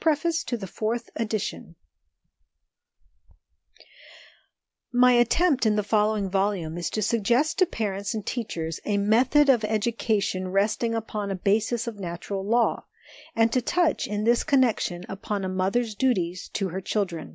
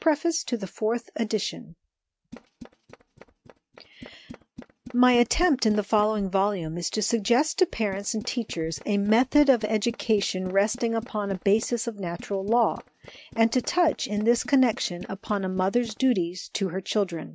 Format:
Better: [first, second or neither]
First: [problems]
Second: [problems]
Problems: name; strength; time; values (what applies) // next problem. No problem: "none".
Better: first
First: none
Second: noise reduction (neural mask model RNNoise)